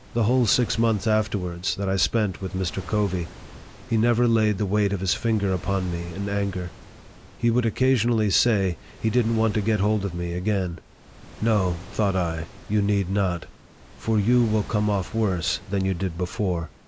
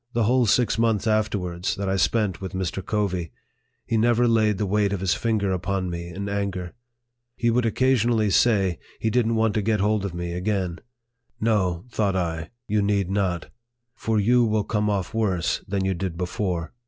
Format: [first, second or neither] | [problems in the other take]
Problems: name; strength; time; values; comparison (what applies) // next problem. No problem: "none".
second | background sound (Waves, surf); 18 dB below the speech